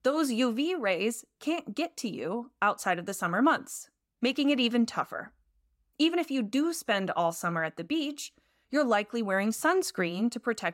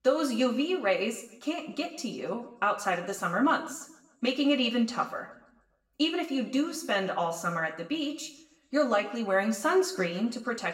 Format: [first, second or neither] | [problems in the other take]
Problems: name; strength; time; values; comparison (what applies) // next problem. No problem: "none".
first | room echo; slight; dies away in 0.6 s // off-mic speech; far